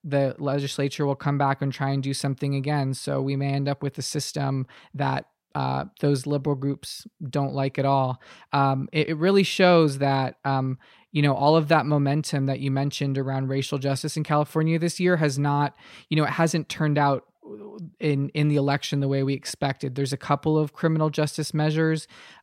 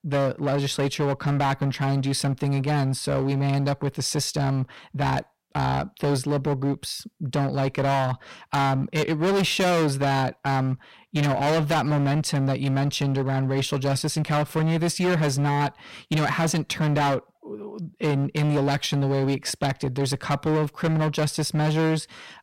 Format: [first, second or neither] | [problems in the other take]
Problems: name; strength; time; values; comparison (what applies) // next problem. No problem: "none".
first | distortion; heavy; 20% of the sound clipped